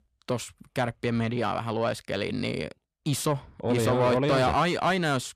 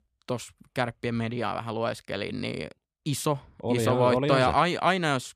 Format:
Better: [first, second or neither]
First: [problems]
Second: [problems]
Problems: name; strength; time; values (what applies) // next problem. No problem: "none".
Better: second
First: distortion; slight; 10 dB below the speech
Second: none